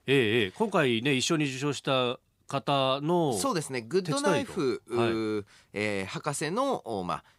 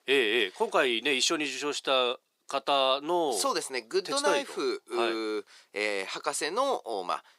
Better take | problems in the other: first | thin; somewhat; fading below 350 Hz

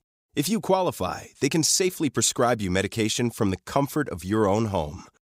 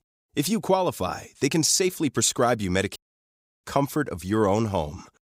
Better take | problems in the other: first | audio cutting out; at 3 s for 0.5 s

